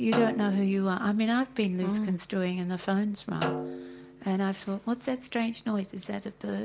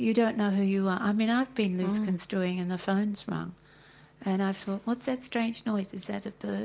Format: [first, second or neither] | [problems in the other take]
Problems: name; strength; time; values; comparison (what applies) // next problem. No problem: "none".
second | background sound (Snare drum); 10 dB below the speech